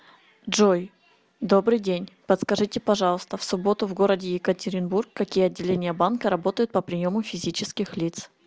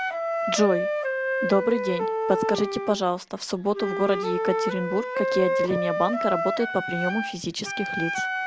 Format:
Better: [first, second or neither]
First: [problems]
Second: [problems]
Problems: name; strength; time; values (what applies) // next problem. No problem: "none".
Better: first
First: none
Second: background sound (Wind instrument, woodwind instrument); 1 dB below the speech